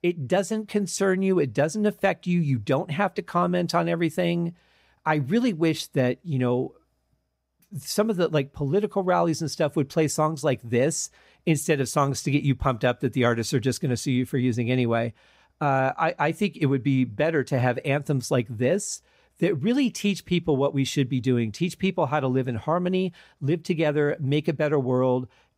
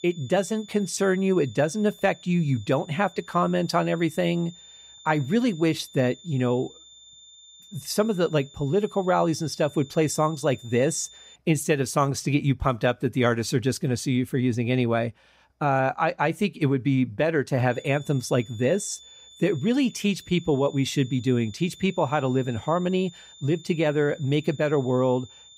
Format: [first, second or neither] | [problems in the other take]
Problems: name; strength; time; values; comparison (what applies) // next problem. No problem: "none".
first | high-pitched whine; faint; until 11 s and from 18 s on; 3.5 kHz, 20 dB below the speech